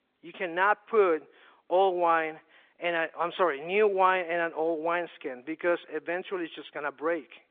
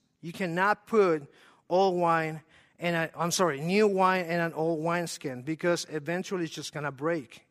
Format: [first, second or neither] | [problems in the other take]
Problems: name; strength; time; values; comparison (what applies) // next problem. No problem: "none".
second | phone-call audio